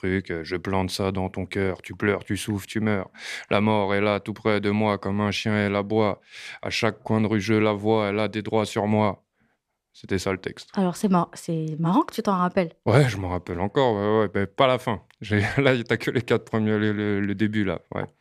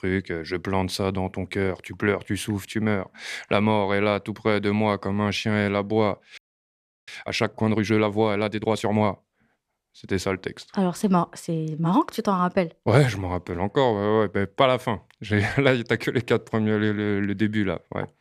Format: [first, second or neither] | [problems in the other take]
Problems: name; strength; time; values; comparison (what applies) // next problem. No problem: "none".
first | audio freezing; at 6.5 s for 0.5 s